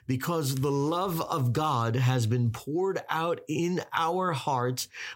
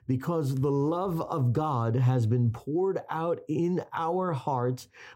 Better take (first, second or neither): first